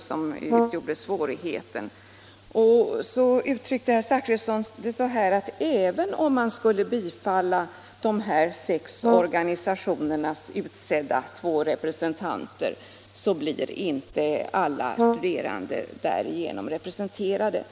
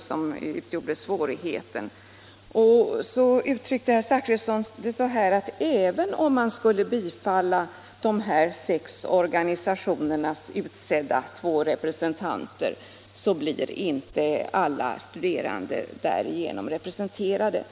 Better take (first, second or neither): second